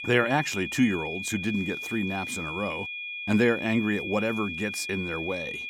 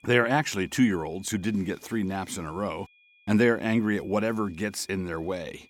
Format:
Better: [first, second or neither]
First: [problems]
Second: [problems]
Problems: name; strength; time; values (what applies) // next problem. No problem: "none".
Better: second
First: high-pitched whine; loud; throughout; 2.5 kHz, 5 dB below the speech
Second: high-pitched whine; faint; throughout; 2.5 kHz, 30 dB below the speech